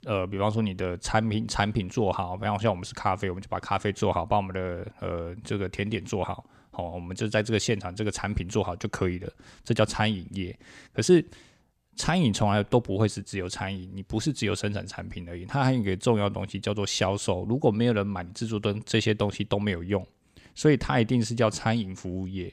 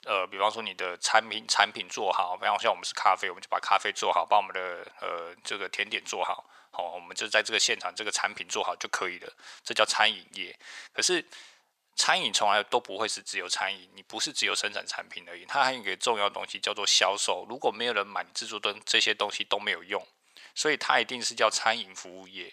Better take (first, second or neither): first